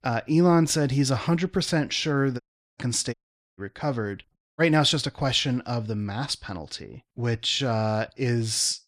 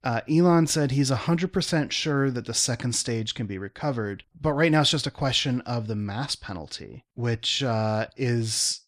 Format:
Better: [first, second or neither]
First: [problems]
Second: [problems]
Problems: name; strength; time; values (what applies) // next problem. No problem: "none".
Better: second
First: audio cutting out; at 2.5 s, at 3 s and at 4.5 s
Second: none